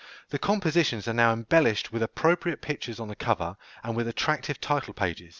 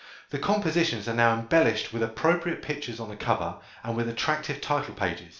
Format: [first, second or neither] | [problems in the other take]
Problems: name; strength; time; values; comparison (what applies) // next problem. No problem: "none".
first | room echo; dies away in 0.4 s